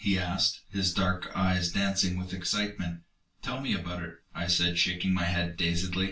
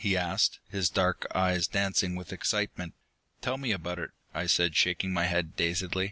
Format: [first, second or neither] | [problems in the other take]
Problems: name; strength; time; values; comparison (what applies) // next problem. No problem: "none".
second | room echo; dies away in 0.2 s